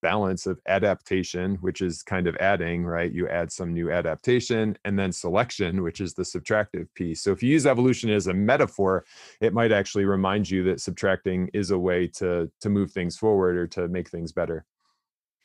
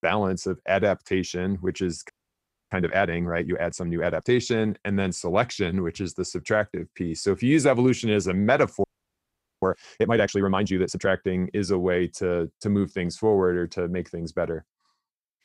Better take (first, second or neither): first